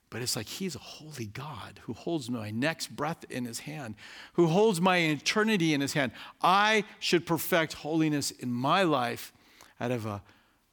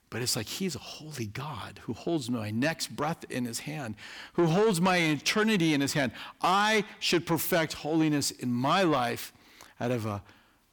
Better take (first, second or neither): first